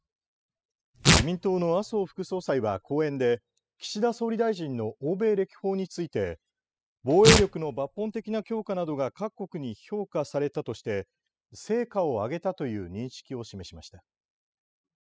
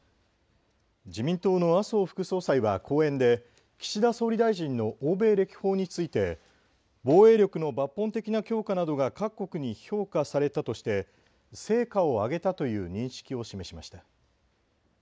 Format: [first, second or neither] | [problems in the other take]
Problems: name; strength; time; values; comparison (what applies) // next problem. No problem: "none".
second | noise reduction (classical method spectral subtraction)